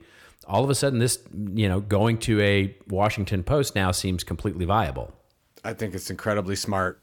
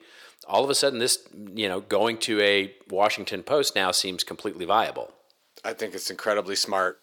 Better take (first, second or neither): first